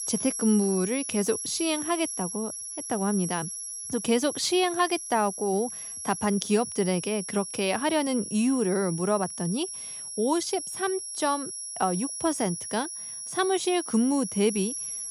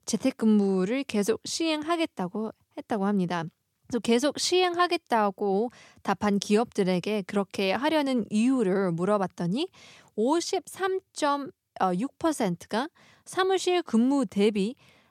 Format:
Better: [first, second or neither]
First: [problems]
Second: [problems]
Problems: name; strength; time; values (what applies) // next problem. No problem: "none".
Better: second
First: high-pitched whine; loud; throughout; 11 kHz, 6 dB below the speech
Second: none